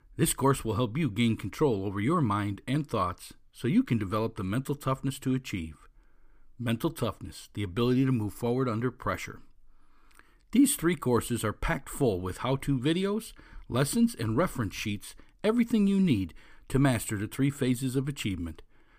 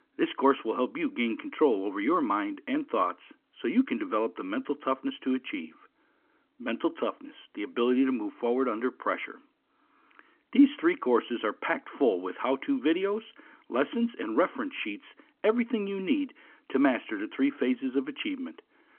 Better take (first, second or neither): first